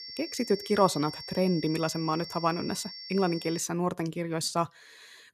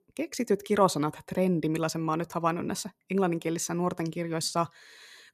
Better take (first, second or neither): second